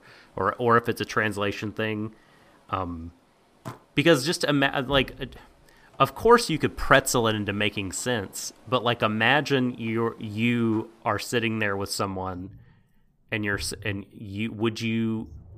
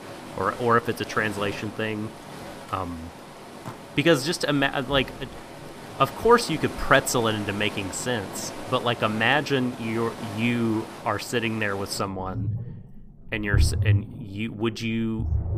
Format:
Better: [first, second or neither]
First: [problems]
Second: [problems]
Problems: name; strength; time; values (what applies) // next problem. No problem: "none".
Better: first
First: rain or running water; faint; throughout; 30 dB below the speech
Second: rain or running water; loud; throughout; 9 dB below the speech